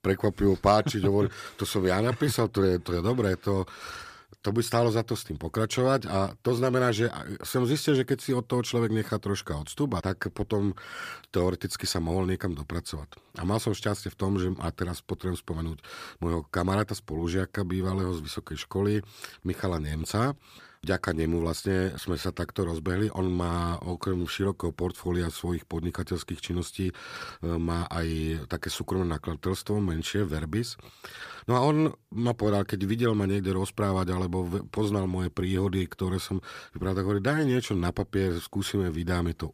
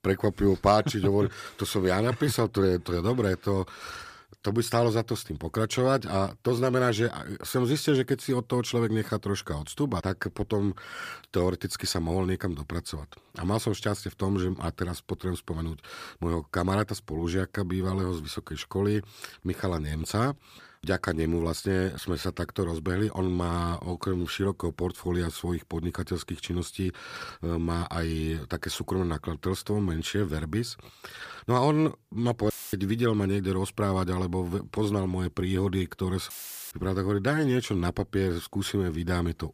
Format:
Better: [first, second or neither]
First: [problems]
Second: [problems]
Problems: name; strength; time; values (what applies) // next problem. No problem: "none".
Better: first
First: none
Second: audio cutting out; filled with static; at 33 s and at 36 s